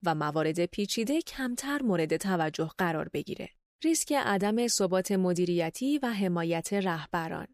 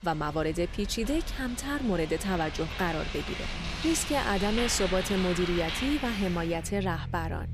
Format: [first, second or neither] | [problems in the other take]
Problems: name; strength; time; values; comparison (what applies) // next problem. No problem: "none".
first | traffic noise; loud; throughout; 6 dB below the speech